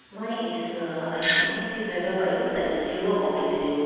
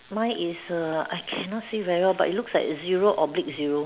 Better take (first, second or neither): second